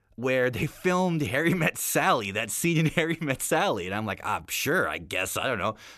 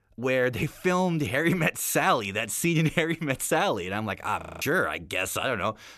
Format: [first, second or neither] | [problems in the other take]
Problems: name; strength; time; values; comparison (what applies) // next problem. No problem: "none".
first | audio freezing; at 4.5 s